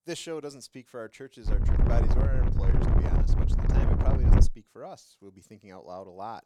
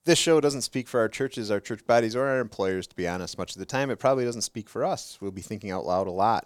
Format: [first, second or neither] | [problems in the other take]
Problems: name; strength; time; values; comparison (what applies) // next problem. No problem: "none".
second | wind noise on the microphone; heavy; from 1.5 to 4.5 s; 3 dB above the speech